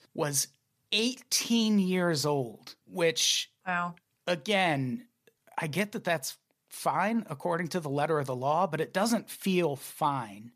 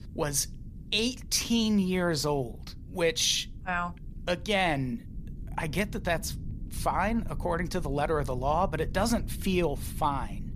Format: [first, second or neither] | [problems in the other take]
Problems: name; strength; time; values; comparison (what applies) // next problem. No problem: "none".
first | low rumble; faint; throughout; 25 dB below the speech